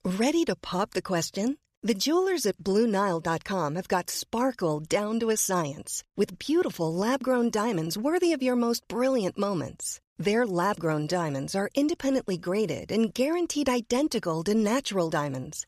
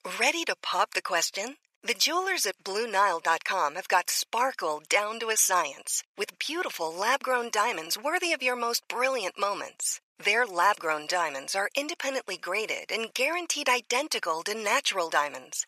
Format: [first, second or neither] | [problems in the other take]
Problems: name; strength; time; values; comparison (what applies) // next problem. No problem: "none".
first | thin; very; fading below 900 Hz